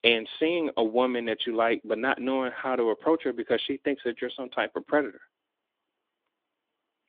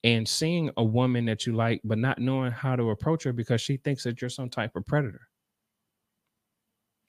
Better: second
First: phone-call audio; nothing above 3.5 kHz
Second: none

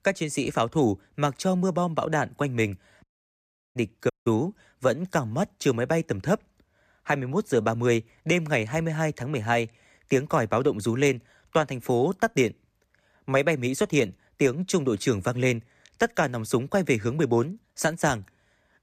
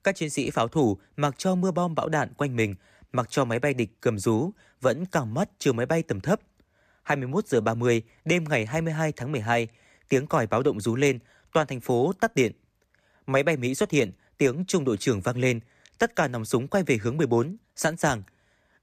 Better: second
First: audio cutting out; at 3 s for 0.5 s and at 4 s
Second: none

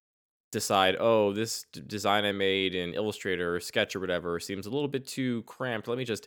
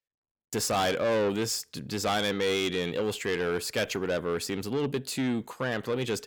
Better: first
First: none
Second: distortion; heavy; 7 dB below the speech

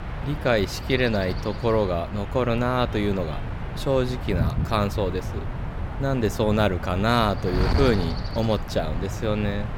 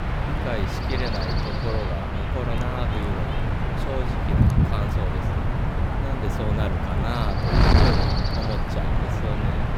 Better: first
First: wind noise on the microphone; occasional gusts; 10 dB below the speech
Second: wind noise on the microphone; heavy; 5 dB above the speech

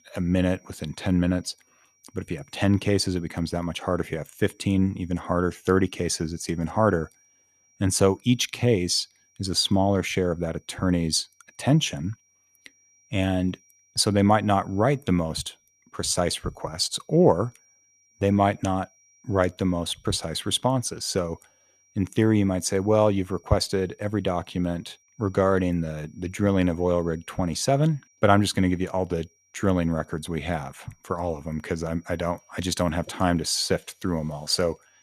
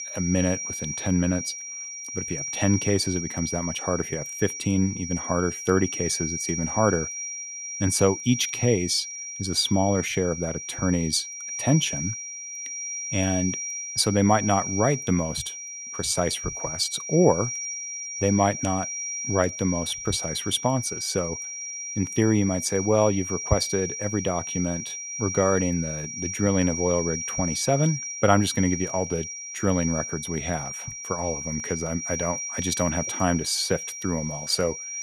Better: first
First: high-pitched whine; faint; throughout; 5.5 kHz, 35 dB below the speech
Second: high-pitched whine; loud; throughout; 5.5 kHz, 5 dB below the speech

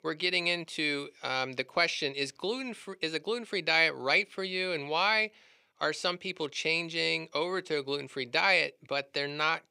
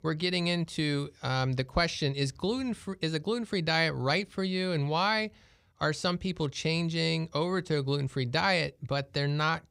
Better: second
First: thin; somewhat; fading below 400 Hz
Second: none

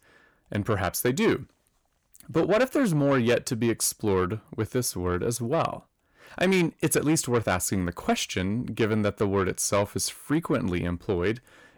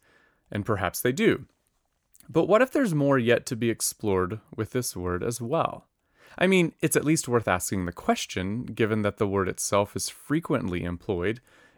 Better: second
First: distortion; slight; 10 dB below the speech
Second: none

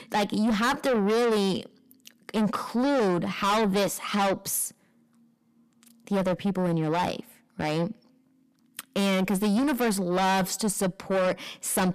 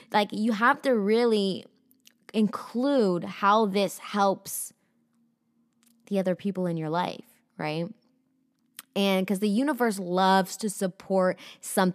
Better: second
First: distortion; heavy; 5 dB below the speech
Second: none

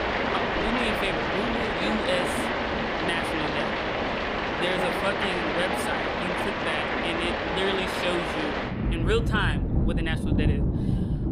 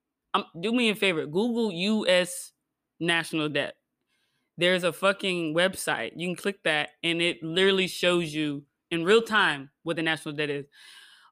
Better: second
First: rain or running water; very loud; throughout; 4 dB above the speech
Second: none

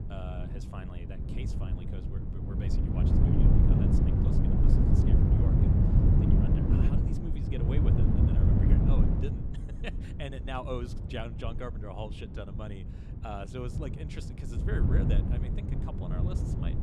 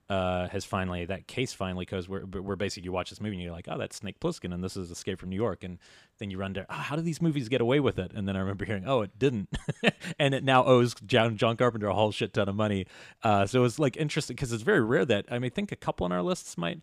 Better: second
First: wind noise on the microphone; heavy; 5 dB above the speech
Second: none

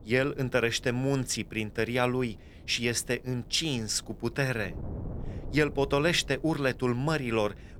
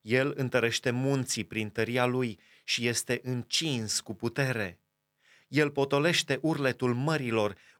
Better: second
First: wind noise on the microphone; occasional gusts; 25 dB below the speech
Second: none

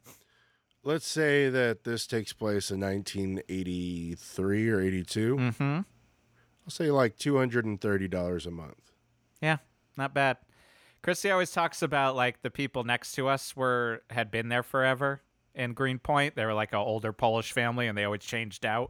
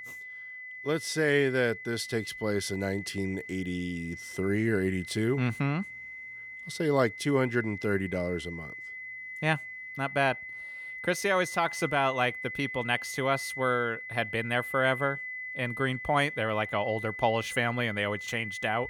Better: first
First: none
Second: high-pitched whine; loud; throughout; 2 kHz, 9 dB below the speech

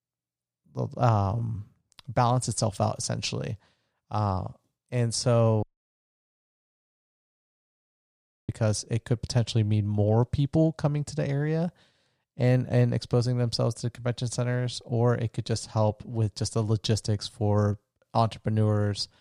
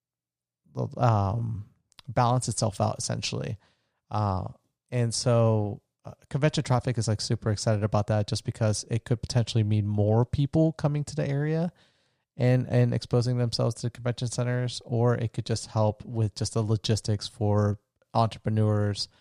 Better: second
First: audio cutting out; at 5.5 s for 3 s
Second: none

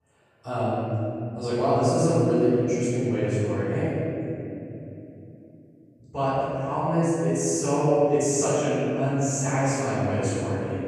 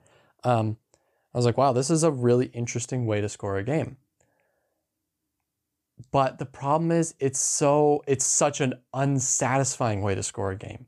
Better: second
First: room echo; strong; dies away in 3 s // off-mic speech; far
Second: none

